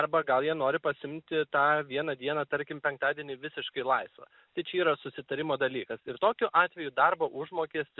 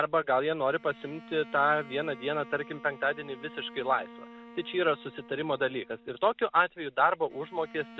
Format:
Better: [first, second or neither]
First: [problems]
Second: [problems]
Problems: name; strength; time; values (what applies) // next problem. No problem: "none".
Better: first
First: none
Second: background sound (Bowed string instrument); 20 dB below the speech